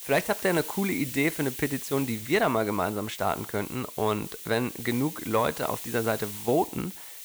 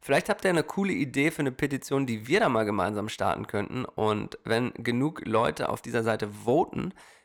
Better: second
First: hiss; loud; throughout; 9 dB below the speech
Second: none

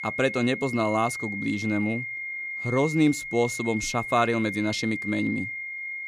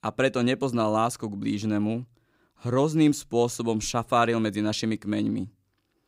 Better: second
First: high-pitched whine; loud; throughout; 2 kHz, 6 dB below the speech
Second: none

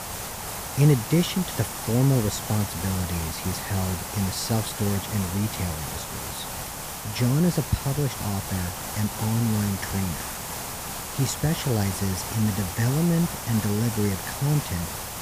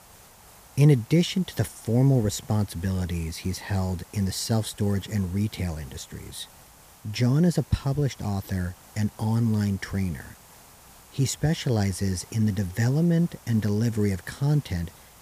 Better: second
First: hiss; loud; throughout; 6 dB below the speech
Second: hiss; faint; throughout; 25 dB below the speech

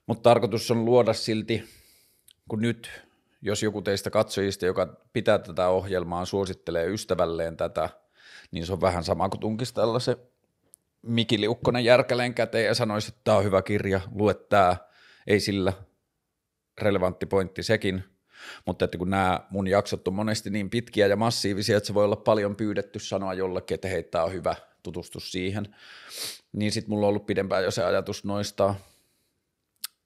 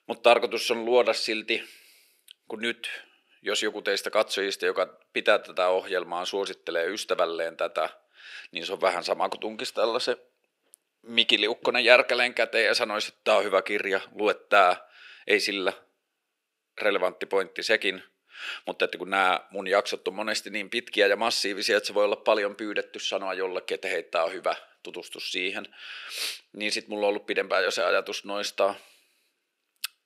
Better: first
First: none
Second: thin; somewhat; fading below 350 Hz

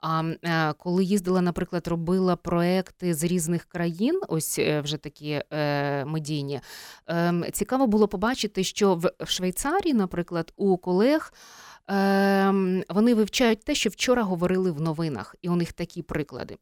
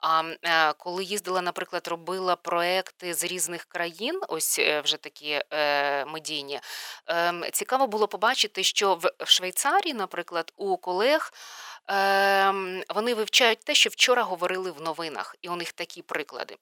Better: first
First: none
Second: thin; very; fading below 700 Hz

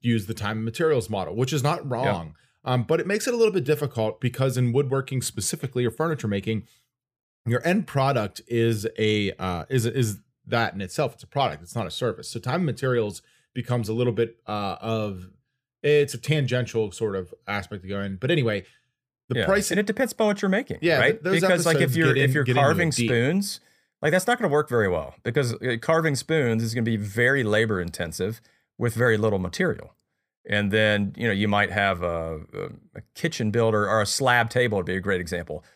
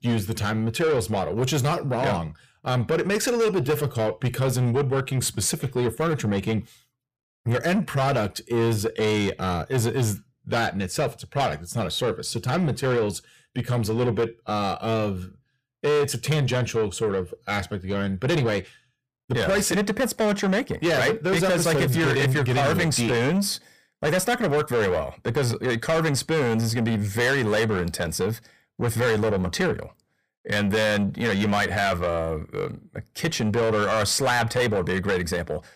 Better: first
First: none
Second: distortion; heavy; 8 dB below the speech

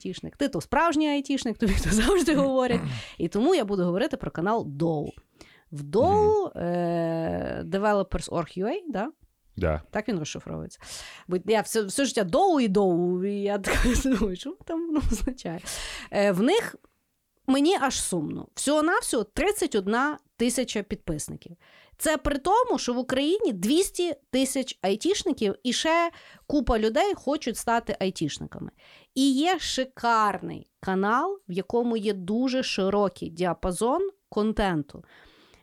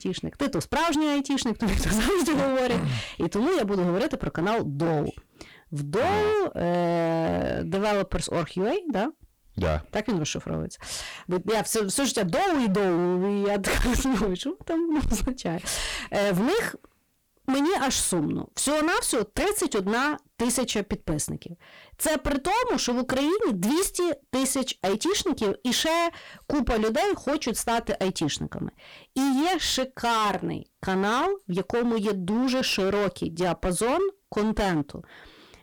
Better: first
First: none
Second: distortion; heavy; 25% of the sound clipped

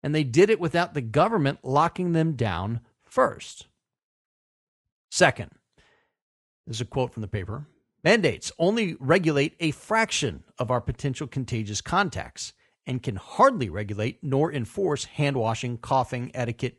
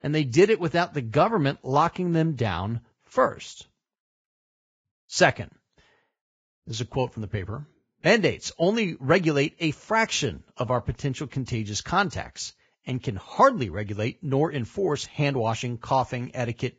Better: first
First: garbled, watery; slightly; nothing above 10.5 kHz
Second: garbled, watery; badly; nothing above 7.5 kHz

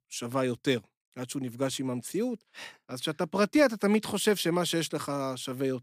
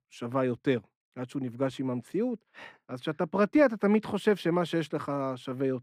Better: first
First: none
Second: muffled; slightly; fading above 3.5 kHz

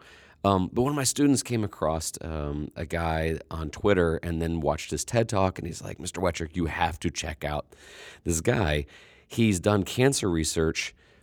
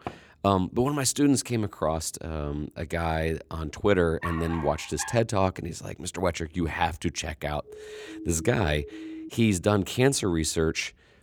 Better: first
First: none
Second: door banging; faint; at the start; peak 15 dB below the speech // dog barking; noticeable; at 4 s; peak 8 dB below the speech // siren; faint; from 7.5 to 9.5 s; peak 10 dB below the speech

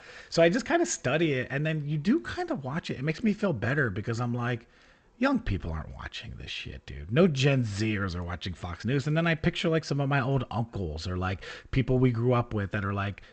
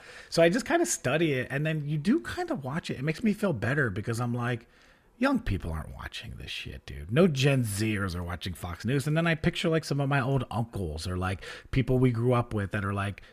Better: second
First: garbled, watery; slightly; nothing above 7.5 kHz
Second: none

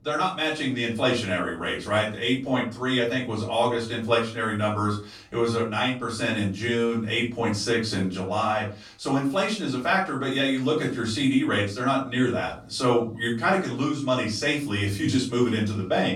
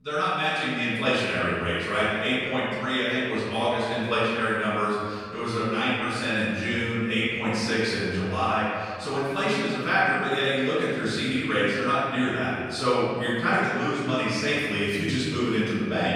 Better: first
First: room echo; slight; dies away in 0.3 s // off-mic speech; far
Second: room echo; strong; dies away in 1.8 s // off-mic speech; far

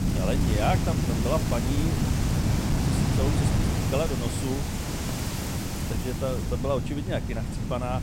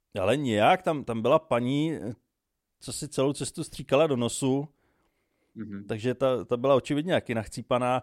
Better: second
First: wind noise on the microphone; heavy; 2 dB below the speech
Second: none

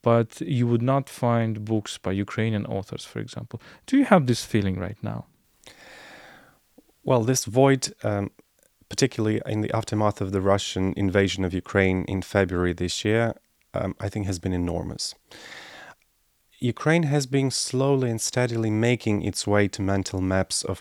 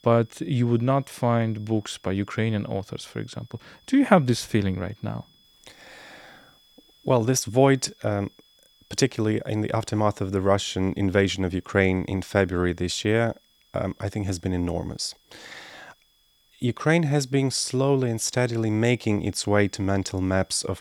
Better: first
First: none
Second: high-pitched whine; faint; throughout; 3.5 kHz, 35 dB below the speech

